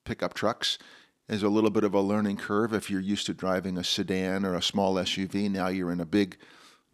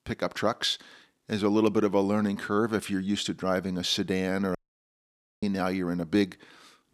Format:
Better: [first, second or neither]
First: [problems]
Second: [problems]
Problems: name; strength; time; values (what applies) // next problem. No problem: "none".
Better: first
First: none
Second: audio cutting out; at 4.5 s for 1 s